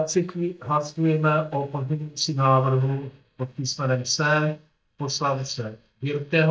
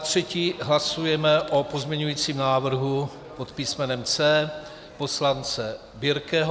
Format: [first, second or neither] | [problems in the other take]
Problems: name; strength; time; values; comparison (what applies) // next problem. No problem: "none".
second | noise reduction (neural mask model DeepFilterNet 3)